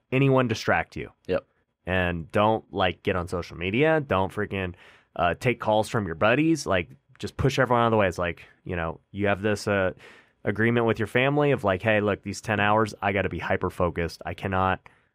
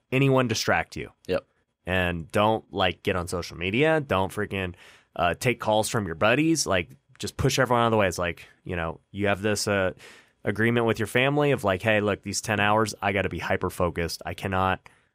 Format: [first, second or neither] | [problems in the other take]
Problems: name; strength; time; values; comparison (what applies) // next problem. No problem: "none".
second | muffled; slightly; fading above 4 kHz